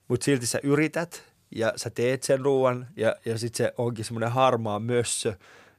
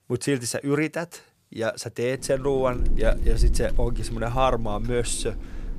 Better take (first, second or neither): first